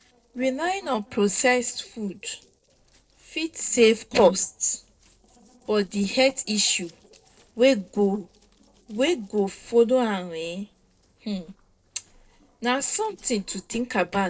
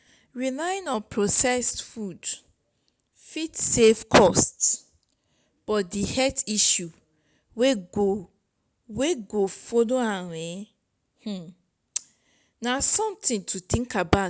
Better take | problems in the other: second | noise reduction (neural separator model SepFormer DNS4)

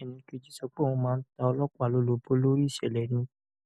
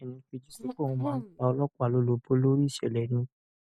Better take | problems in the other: first | noise reduction (neural mask model DeepFilterNet 3)

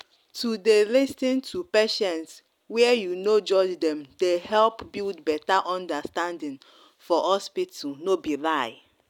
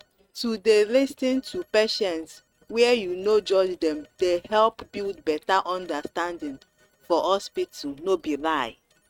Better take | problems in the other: first | noise reduction (neural mask model RNNoise)

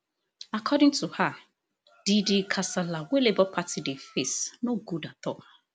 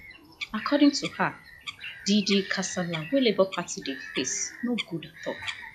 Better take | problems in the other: first | noise reduction (classical method log-MMSE)

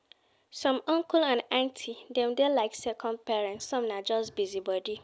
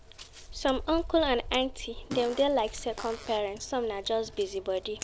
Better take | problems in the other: first | background sound (Scissors + Fart); 12 dB below the speech

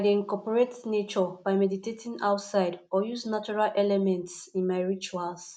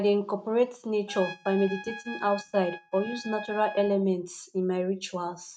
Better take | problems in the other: first | noise reduction (neural mask model RNNoise)

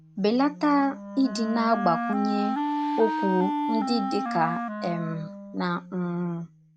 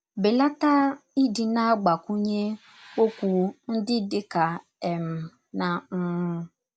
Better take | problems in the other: second | background sound (Wind instrument, woodwind instrument); 4 dB below the speech

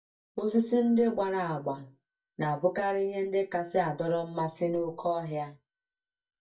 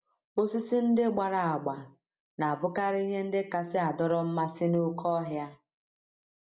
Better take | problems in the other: second | noise reduction (neural mask model DeepFilterNet 3)

